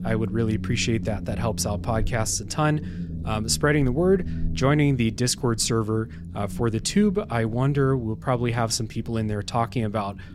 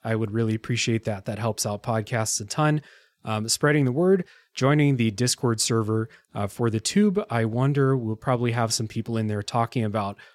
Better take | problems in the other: second | low rumble; noticeable; throughout; 20 dB below the speech

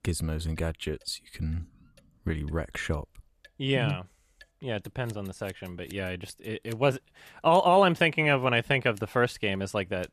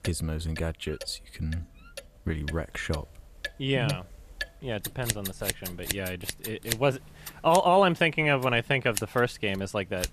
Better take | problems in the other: first | household noises; loud; throughout; 9 dB below the speech; faint in the first

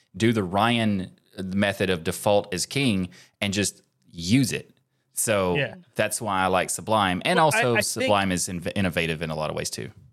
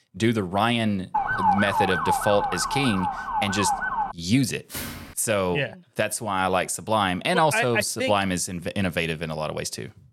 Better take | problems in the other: first | siren; loud; from 1 to 4 s; peak 2 dB above the speech // footsteps; noticeable; at 4.5 s; peak 8 dB below the speech

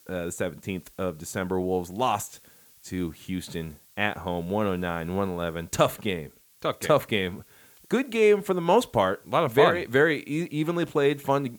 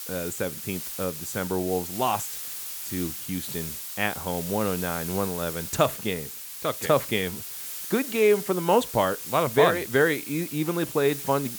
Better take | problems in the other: first | hiss; loud; throughout; 7 dB below the speech; faint in the first

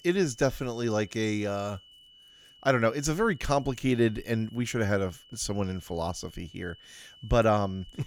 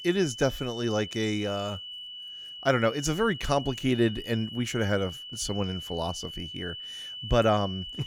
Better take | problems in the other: first | high-pitched whine; loud; throughout; 3 kHz, 10 dB below the speech; faint in the first

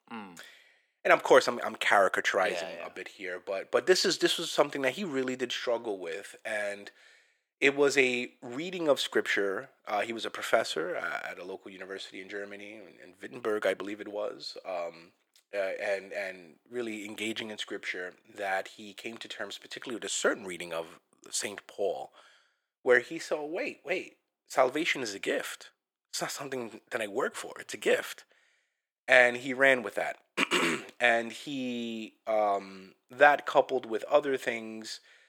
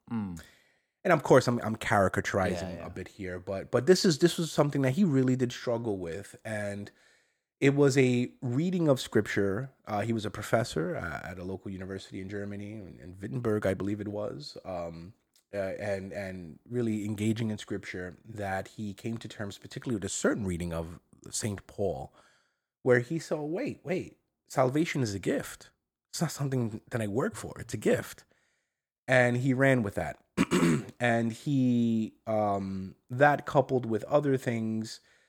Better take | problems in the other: second | thin; somewhat; fading below 450 Hz

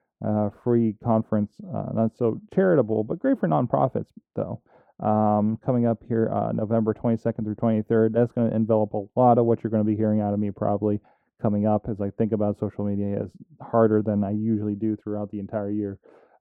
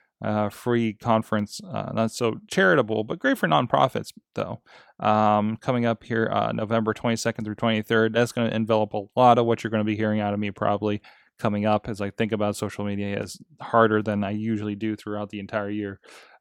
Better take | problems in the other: second | muffled; very; fading above 1.5 kHz

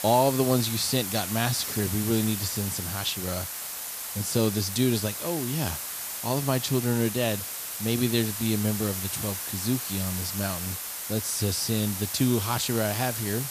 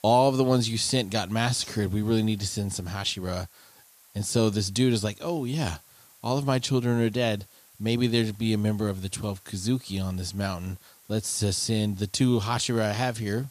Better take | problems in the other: second | hiss; loud; throughout; 4 dB below the speech; faint in the second

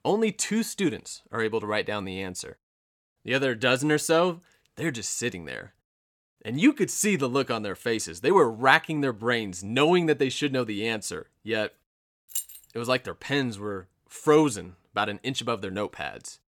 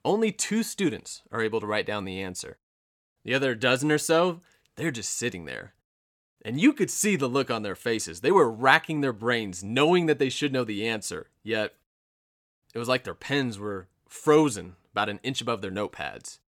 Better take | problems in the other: second | jangling keys; noticeable; at 12 s; peak 6 dB below the speech

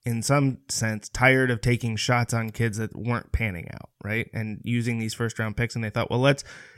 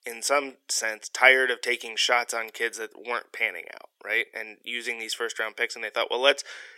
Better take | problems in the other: first | thin; very; fading below 400 Hz

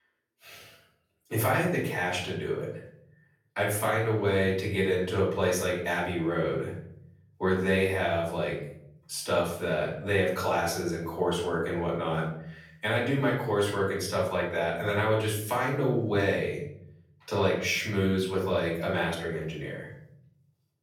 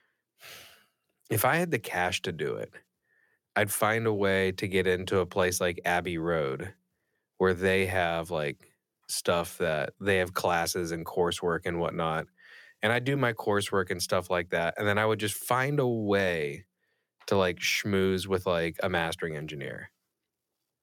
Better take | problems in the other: second | off-mic speech; far // room echo; noticeable; dies away in 0.7 s

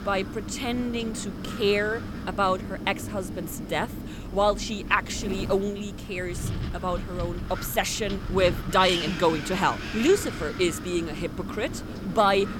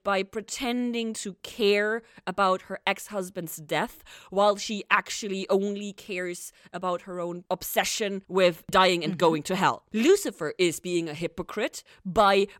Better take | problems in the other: second | wind noise on the microphone; occasional gusts; 10 dB below the speech

